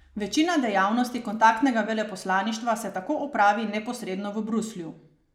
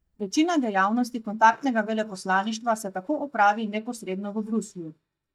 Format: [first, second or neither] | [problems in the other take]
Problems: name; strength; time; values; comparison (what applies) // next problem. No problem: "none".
first | noise reduction (neural mask model DeepFilterNet 3)